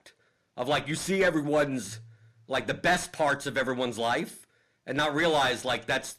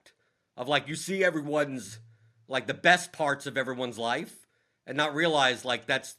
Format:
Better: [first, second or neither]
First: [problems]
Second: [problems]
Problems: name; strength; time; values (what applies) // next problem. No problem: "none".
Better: second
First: distortion; heavy; 5 dB below the speech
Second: none